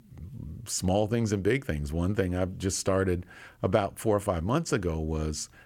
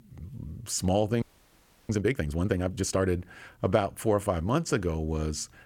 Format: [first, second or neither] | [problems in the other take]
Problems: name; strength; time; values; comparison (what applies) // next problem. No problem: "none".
first | audio freezing; at 1 s for 0.5 s